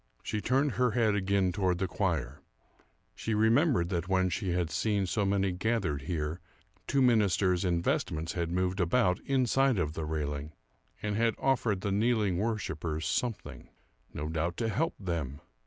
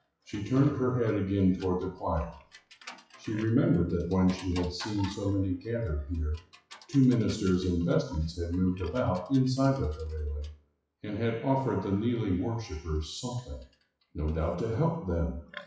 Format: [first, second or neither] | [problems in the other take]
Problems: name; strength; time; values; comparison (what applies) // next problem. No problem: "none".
first | noise reduction (classical method WPE with log-MMSE)